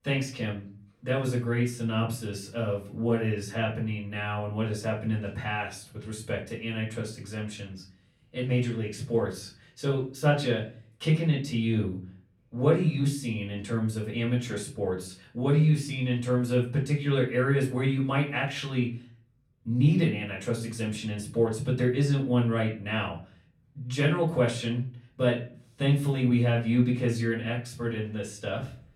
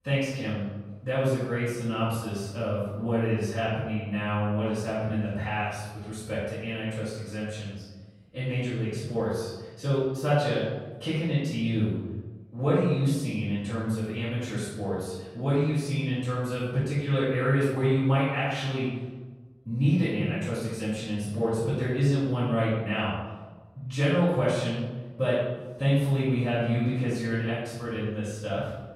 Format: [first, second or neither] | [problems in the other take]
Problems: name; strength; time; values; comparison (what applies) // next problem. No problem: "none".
first | room echo; strong; dies away in 1.1 s; slight in the first // off-mic speech; far; far in the first